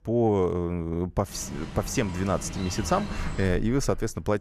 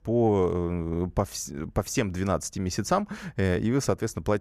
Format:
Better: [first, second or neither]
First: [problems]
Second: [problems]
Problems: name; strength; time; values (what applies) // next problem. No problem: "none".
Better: second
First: animal sounds; noticeable; from 1.5 s on; 10 dB below the speech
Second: none